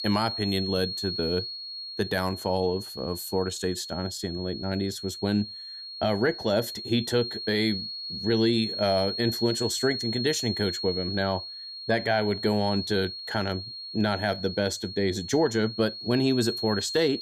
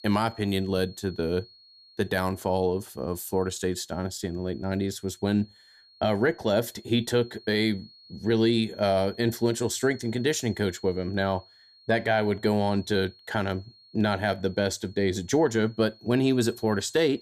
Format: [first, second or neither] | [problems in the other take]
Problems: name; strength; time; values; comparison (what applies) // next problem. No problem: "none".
second | high-pitched whine; loud; throughout; 4.5 kHz, 6 dB below the speech; faint in the second